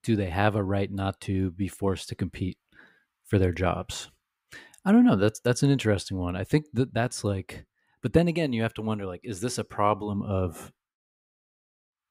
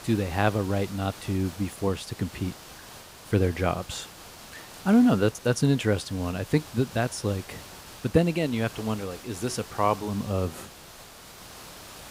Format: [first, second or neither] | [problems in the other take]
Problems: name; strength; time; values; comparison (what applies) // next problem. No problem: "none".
first | hiss; noticeable; throughout; 15 dB below the speech